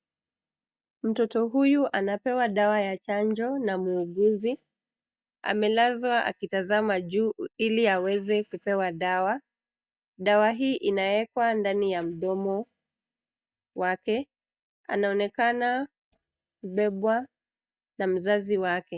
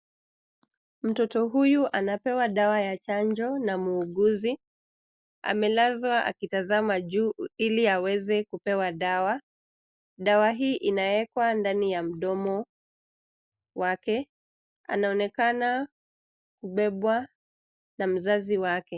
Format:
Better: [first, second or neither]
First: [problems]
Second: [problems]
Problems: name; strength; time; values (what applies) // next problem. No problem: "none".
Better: second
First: noise reduction (neural mask model DeepFilterNet 3)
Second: none